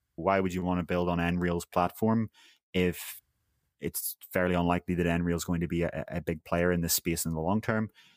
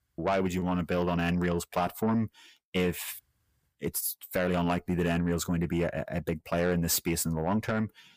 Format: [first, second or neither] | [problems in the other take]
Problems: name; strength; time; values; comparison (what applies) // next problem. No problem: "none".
first | distortion; slight; 10 dB below the speech